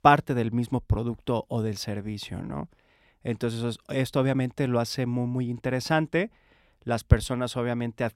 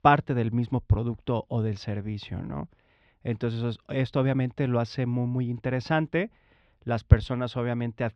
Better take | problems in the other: first | muffled; very slightly; fading above 4 kHz

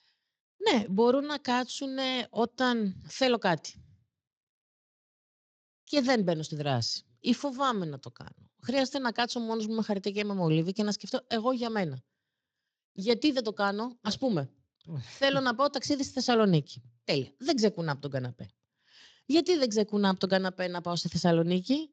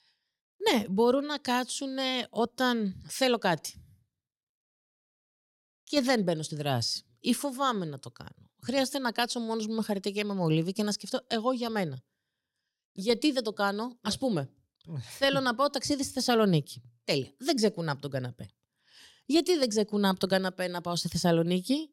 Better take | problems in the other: second | garbled, watery; slightly; nothing above 7.5 kHz

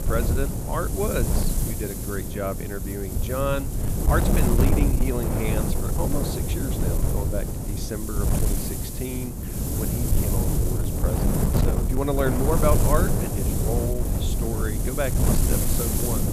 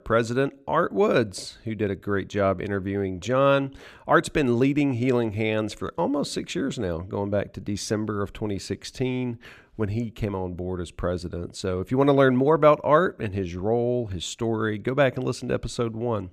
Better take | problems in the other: second | wind noise on the microphone; heavy; 1 dB below the speech

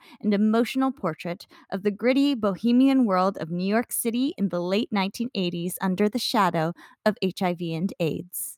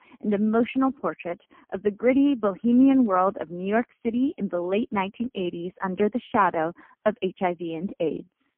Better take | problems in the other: first | phone-call audio; poor line; nothing above 3 kHz

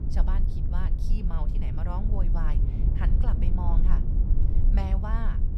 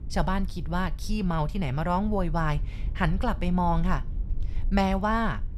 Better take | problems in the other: second | low rumble; loud; throughout; 3 dB below the speech; faint in the second

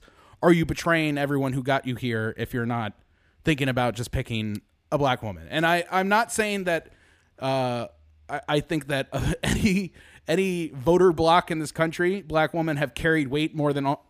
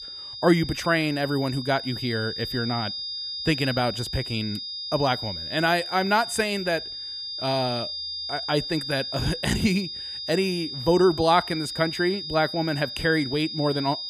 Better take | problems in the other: first | high-pitched whine; loud; throughout; 5 kHz, 6 dB below the speech

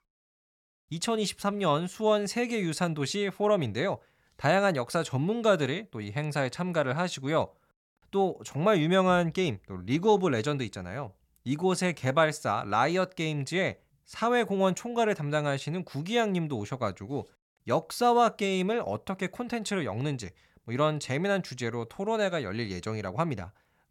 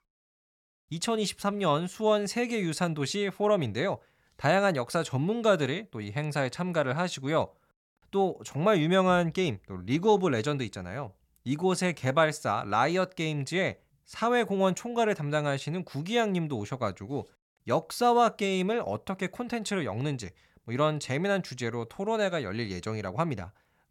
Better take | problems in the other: neither | none

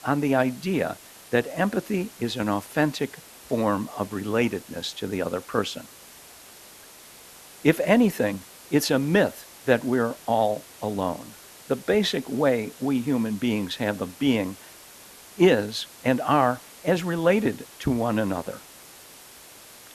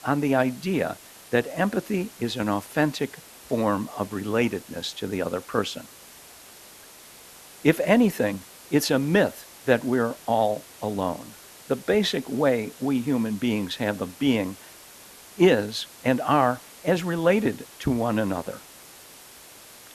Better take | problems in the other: neither | hiss; noticeable; throughout; 20 dB below the speech; the same in both

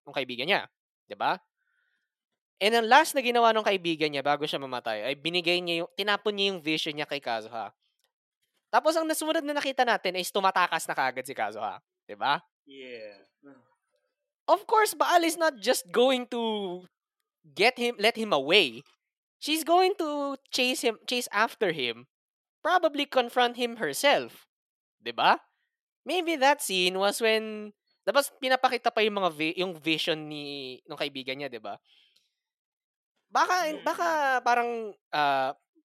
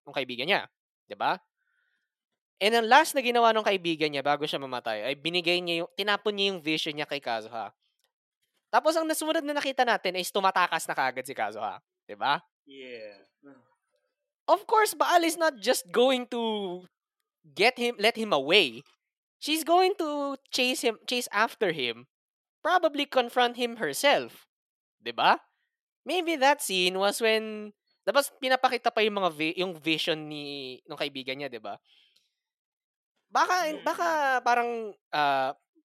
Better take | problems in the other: neither | thin; somewhat; fading below 400 Hz; the same in both

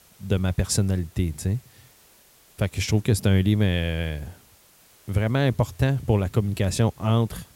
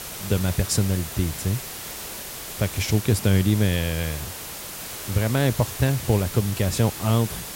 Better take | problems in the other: first | hiss; loud; throughout; 9 dB below the speech; faint in the first

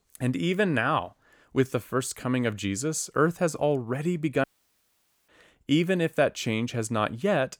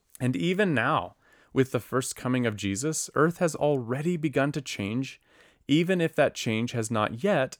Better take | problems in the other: second | audio cutting out; at 4.5 s for 1 s

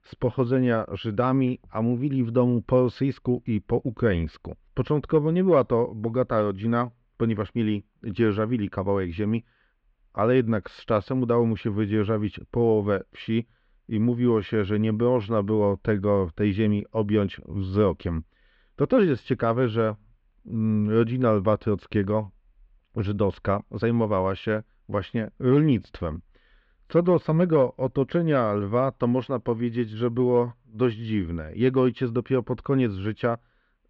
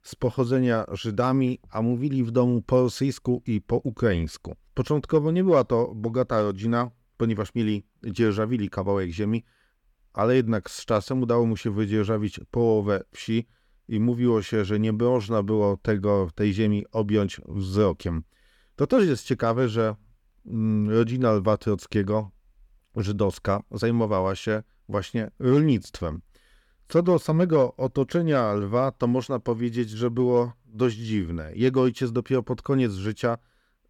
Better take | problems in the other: second | muffled; slightly; fading above 3.5 kHz

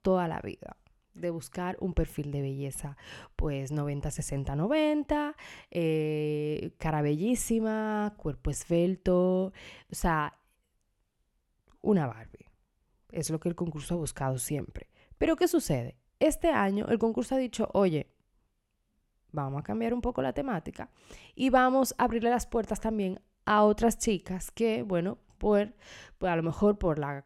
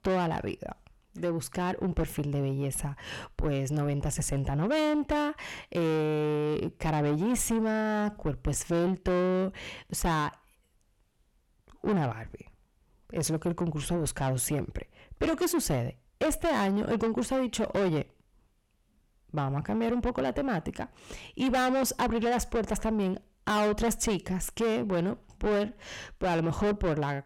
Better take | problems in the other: first | distortion; heavy; 7 dB below the speech

